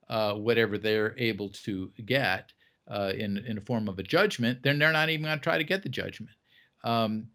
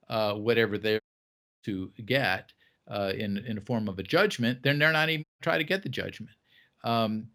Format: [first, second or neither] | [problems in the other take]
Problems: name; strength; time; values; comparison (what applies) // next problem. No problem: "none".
first | audio cutting out; at 1 s for 0.5 s and at 5 s